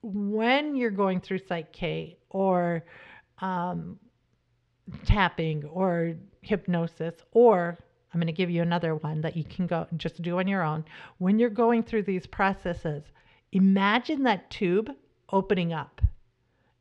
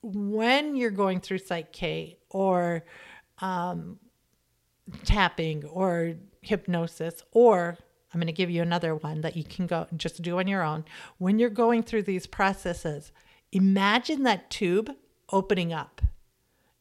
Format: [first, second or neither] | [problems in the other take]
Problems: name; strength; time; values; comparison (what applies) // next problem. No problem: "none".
second | muffled; slightly; fading above 3 kHz